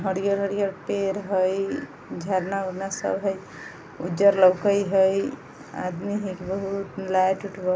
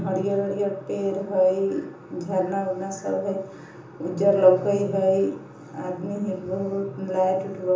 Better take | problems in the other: first | room echo; dies away in 0.6 s

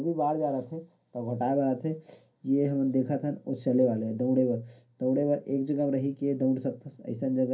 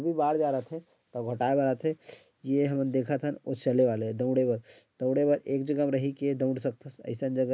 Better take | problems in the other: second | room echo; dies away in 0.3 s

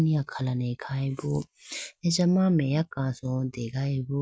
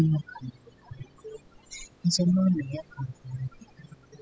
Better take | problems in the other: first | noise reduction (classical method spectral subtraction)

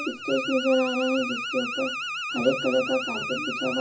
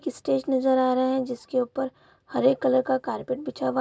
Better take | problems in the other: second | background sound (Alarm); 5 dB below the speech // room echo; dies away in 0.4 s

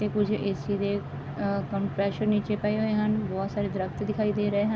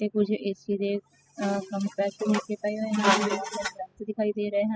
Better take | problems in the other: first | noise reduction (classical method spectral subtraction)

